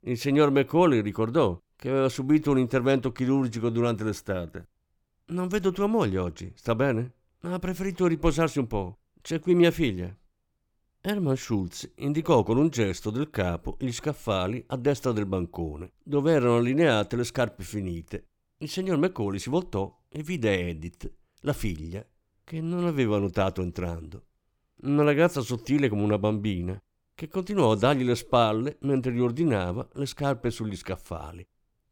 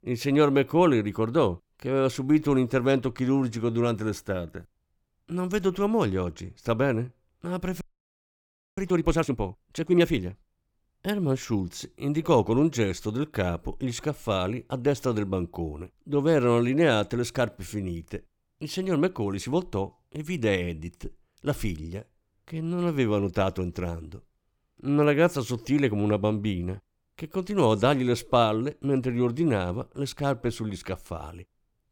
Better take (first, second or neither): first